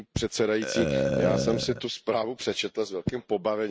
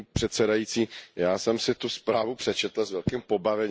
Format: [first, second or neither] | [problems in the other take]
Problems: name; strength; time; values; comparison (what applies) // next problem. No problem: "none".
second | noise reduction (neural mask model RNNoise)